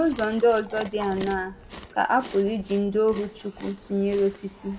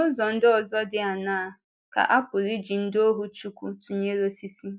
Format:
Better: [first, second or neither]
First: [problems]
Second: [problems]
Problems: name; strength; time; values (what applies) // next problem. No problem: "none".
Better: second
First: background sound (Chewing, mastication); 17 dB below the speech // room echo; dies away in 1.4 s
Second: none